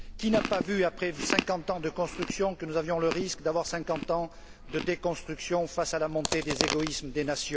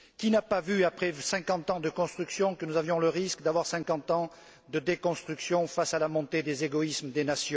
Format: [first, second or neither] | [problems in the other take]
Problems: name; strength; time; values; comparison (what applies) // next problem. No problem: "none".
second | background sound (Chewing, mastication); 6 dB below the speech